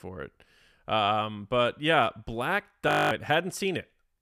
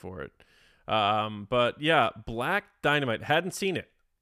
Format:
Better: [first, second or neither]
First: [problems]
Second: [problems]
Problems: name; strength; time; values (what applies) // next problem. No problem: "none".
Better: second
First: audio freezing; at 3 s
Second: none